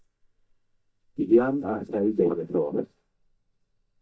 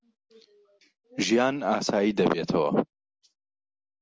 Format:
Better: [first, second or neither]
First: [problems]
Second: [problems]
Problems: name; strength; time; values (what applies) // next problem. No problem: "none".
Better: second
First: noise reduction (neural mask model DeepFilterNet 3)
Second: none